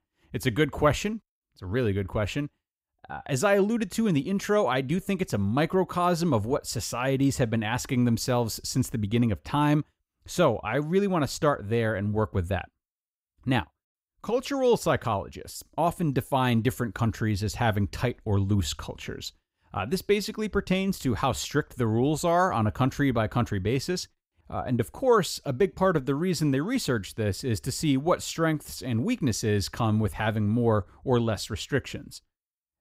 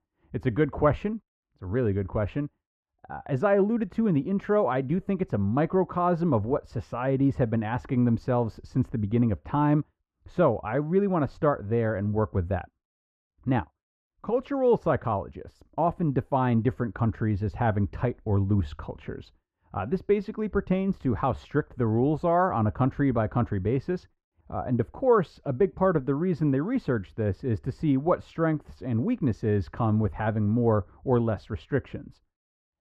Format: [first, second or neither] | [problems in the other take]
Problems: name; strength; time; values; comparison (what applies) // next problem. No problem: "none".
first | muffled; very; fading above 3.5 kHz